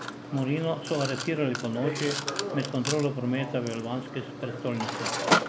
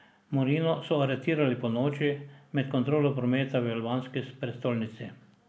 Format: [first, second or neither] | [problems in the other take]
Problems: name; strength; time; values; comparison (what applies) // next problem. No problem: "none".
second | background sound (Mechanisms); 2 dB below the speech